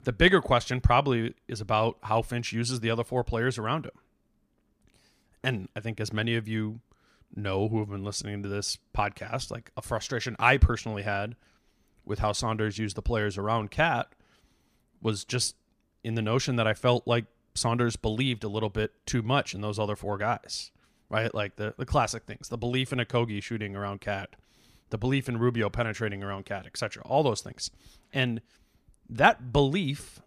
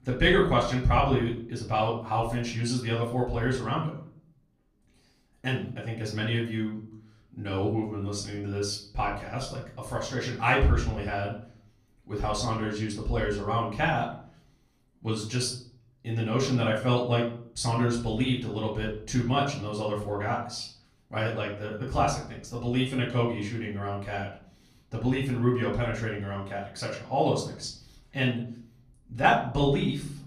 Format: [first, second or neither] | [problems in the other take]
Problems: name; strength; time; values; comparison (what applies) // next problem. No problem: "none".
first | off-mic speech; far // room echo; slight; dies away in 0.5 s